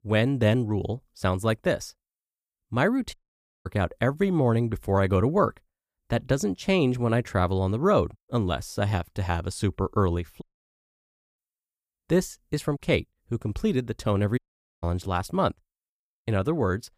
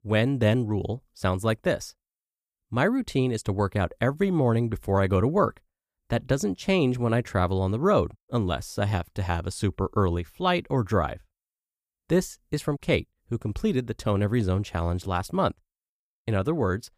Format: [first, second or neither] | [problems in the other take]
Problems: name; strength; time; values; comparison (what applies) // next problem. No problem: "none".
second | audio cutting out; at 3 s for 0.5 s, at 10 s for 1 s and at 14 s